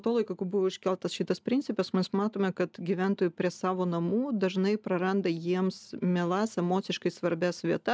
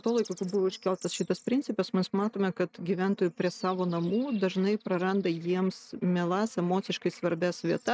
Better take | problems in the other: first | noise reduction (neural mask model RNNoise)

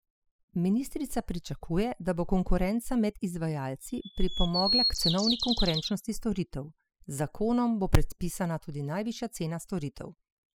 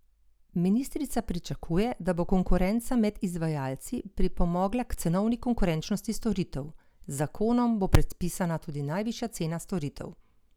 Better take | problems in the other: second | noise reduction (classical method spectral subtraction)

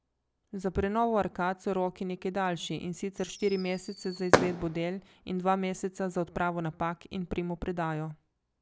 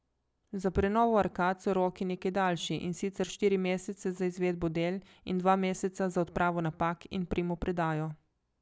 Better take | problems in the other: second | background sound (Fireworks); as loud as the speech

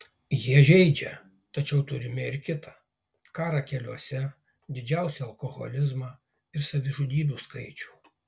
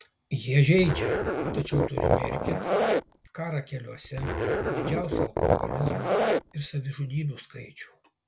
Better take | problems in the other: first | background sound (Zipper (clothing)); 3 dB above the speech

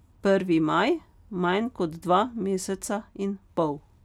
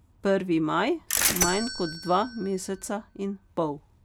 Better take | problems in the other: first | background sound (Bell / Mechanisms); 3 dB below the speech

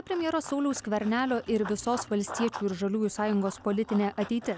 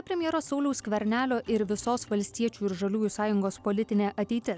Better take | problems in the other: second | background sound (Run); 15 dB below the speech

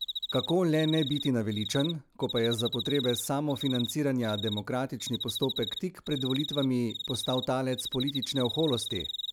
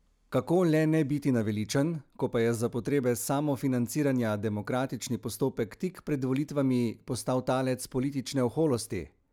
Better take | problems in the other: second | background sound (Cricket); 8 dB below the speech

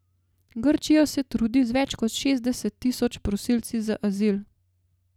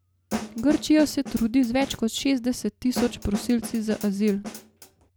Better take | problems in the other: first | background sound (Snare drum); 11 dB below the speech

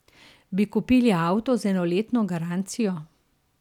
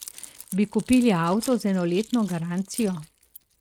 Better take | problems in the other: first | noise reduction (neural mask model RNNoise)

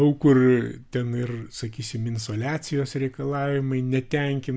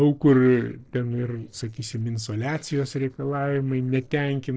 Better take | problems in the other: first | noise reduction (neural separator model SepFormer DNS4)

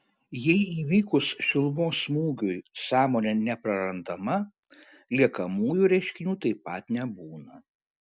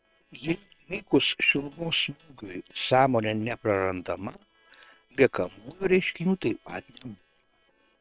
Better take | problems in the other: first | noise reduction (neural separator model SepFormer WHAM!)

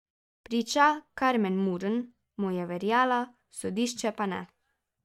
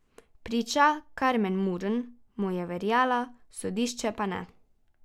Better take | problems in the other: second | noise reduction (neural mask model DeepFilterNet 3)

